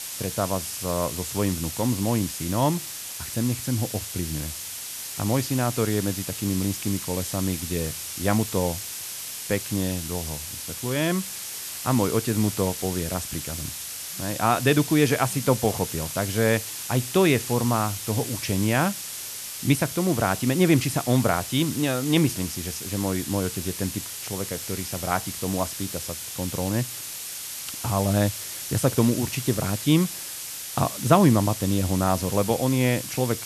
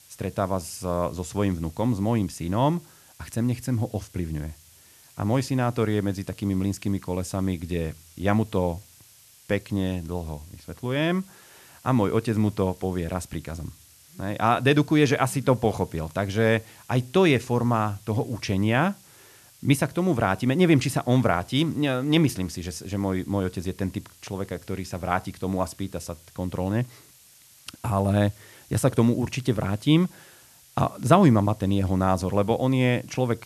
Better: second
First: hiss; loud; throughout; 6 dB below the speech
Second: hiss; faint; throughout; 25 dB below the speech

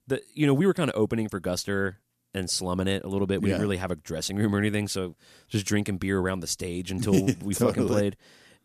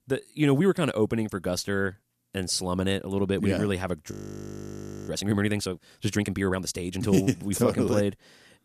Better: first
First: none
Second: audio freezing; at 4 s for 1 s

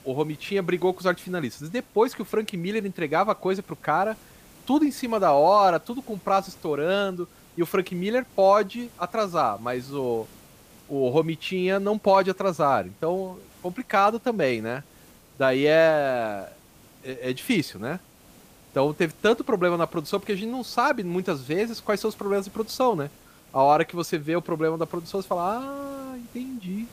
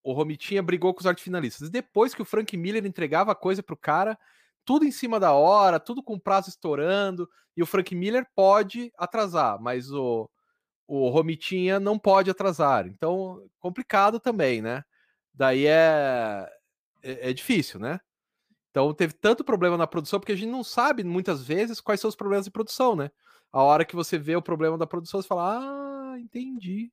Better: second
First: hiss; faint; throughout; 25 dB below the speech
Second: none

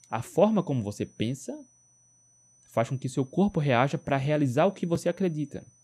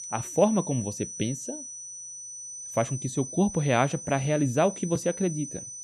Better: first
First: high-pitched whine; faint; throughout; 6 kHz, 30 dB below the speech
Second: high-pitched whine; loud; throughout; 6 kHz, 9 dB below the speech

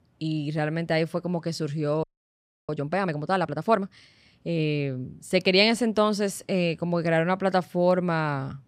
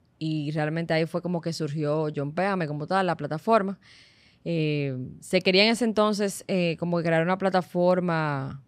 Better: second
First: audio freezing; at 2 s for 0.5 s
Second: none

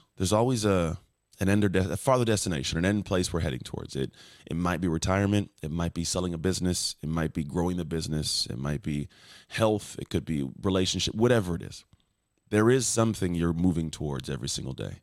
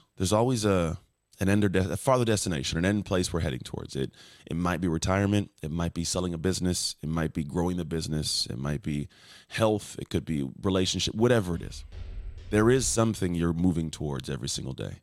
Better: first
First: none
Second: footsteps; faint; from 12 to 13 s; peak 15 dB below the speech

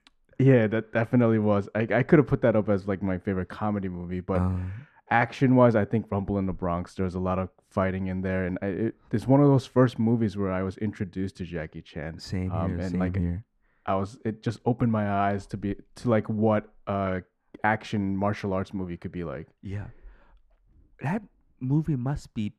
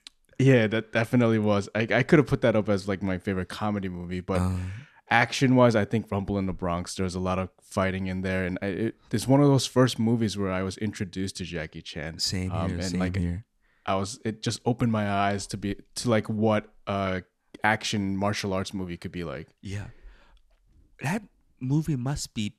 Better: second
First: muffled; slightly; fading above 2.5 kHz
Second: none

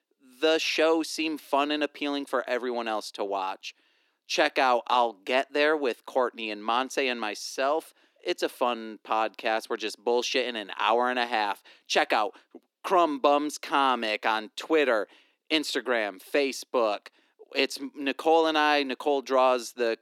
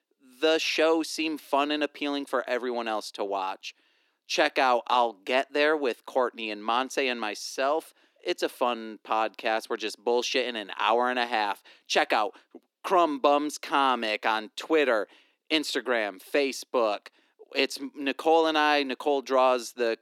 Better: neither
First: thin; somewhat; fading below 300 Hz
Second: thin; somewhat; fading below 300 Hz

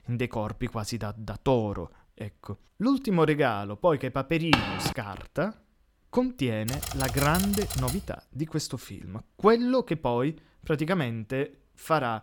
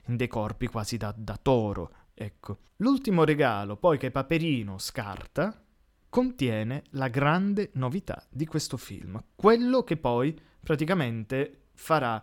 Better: second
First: footsteps; loud; at 4.5 s; peak 3 dB above the speech // keyboard typing; noticeable; from 6.5 to 8 s; peak 2 dB below the speech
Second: none

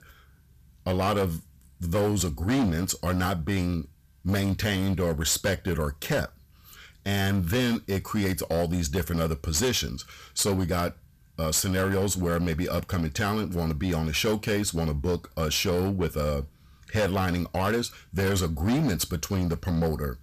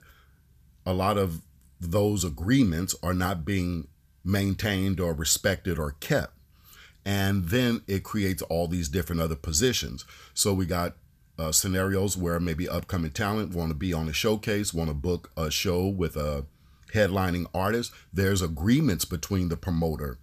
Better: second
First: distortion; slight; 12% of the sound clipped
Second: none

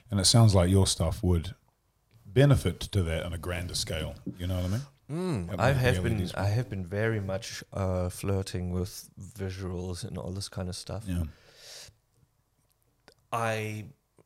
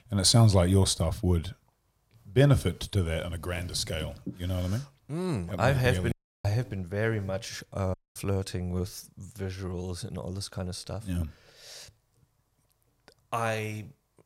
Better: first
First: none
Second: audio cutting out; at 6 s and at 8 s

